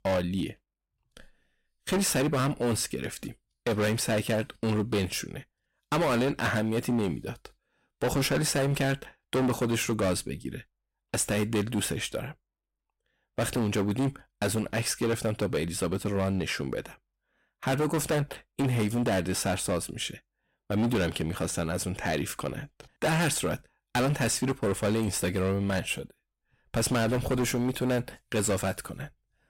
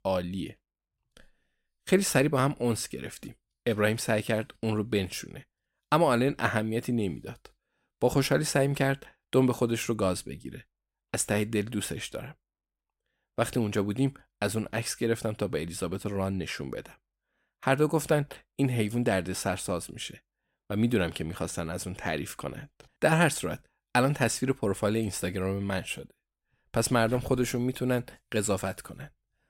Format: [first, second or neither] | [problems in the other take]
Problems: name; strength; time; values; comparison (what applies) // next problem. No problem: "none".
second | distortion; heavy; 13% of the sound clipped